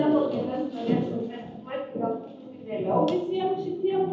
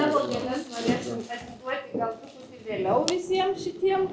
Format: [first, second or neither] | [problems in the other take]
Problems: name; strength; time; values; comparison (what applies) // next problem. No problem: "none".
second | room echo; dies away in 0.8 s